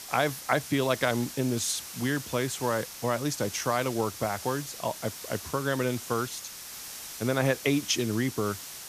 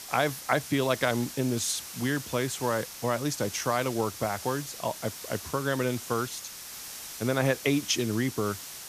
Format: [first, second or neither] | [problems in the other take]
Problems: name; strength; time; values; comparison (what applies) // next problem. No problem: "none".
neither | hiss; loud; throughout; 10 dB below the speech; the same in both